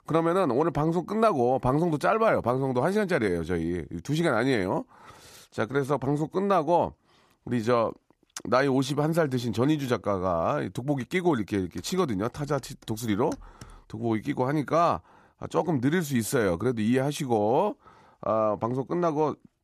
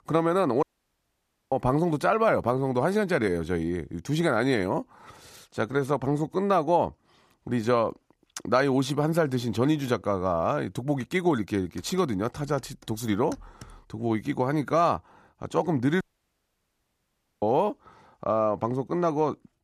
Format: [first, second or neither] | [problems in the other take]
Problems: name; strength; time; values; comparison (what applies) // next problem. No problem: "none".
first | audio cutting out; at 0.5 s for 1 s and at 16 s for 1.5 s